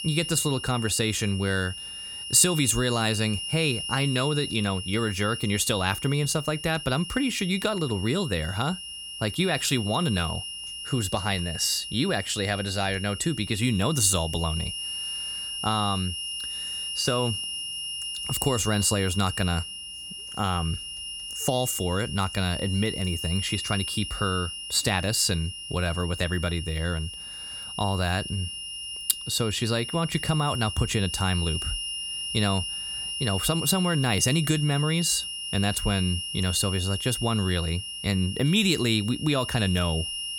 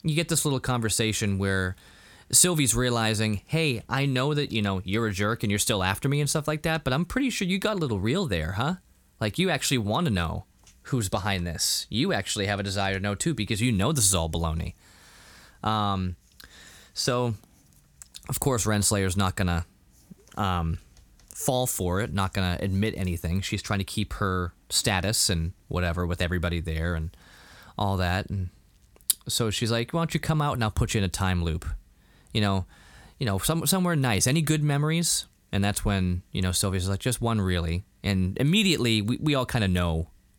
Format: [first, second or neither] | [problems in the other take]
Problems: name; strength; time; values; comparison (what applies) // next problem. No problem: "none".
second | high-pitched whine; loud; throughout; 3 kHz, 6 dB below the speech